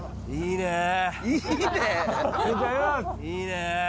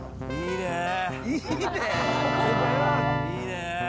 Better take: first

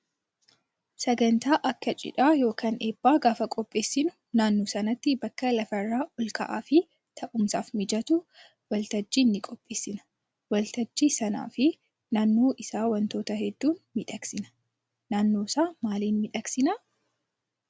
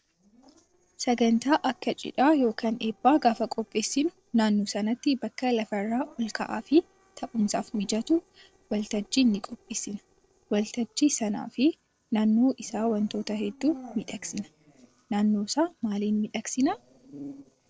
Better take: first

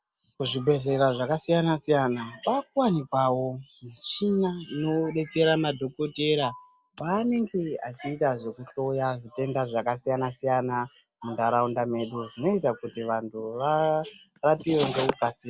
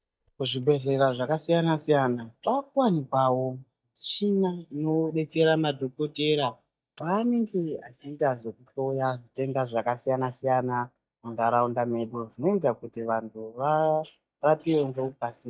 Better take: first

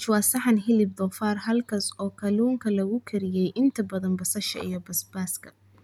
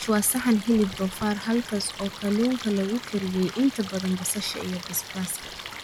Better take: first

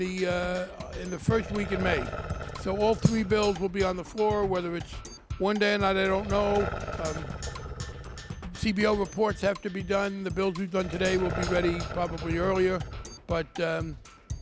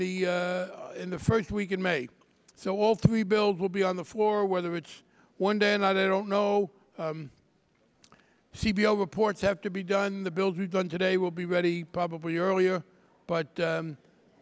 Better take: second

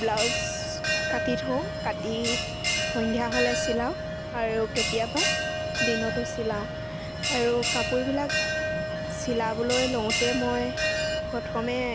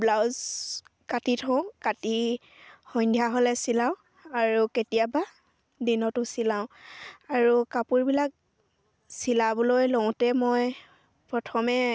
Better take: second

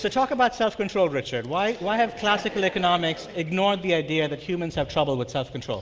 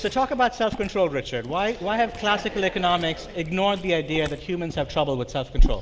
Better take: first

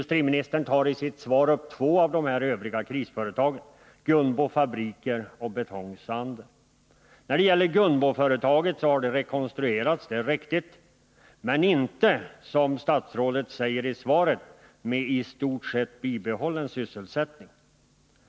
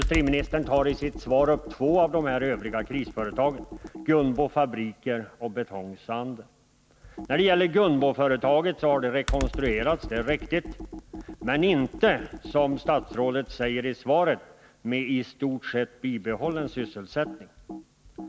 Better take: first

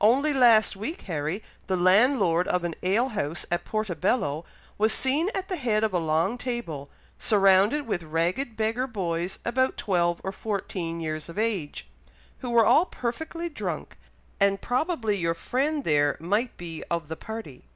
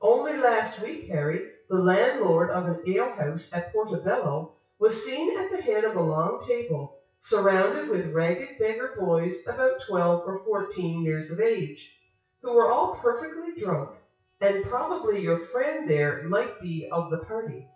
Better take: first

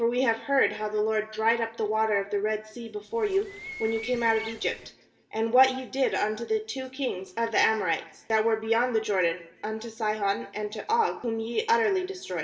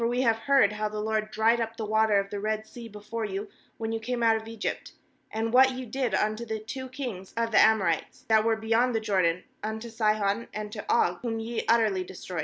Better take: second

